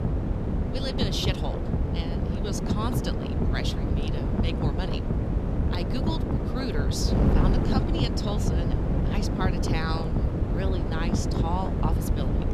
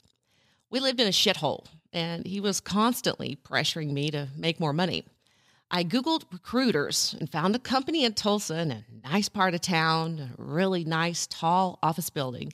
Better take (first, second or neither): second